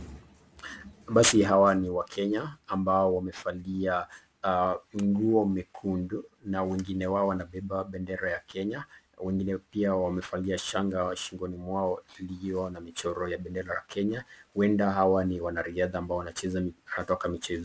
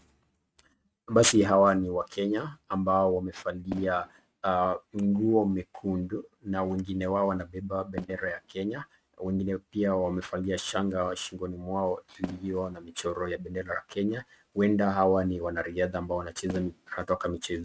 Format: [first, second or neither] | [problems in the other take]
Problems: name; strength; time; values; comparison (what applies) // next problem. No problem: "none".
first | noise reduction (neural mask model RNNoise)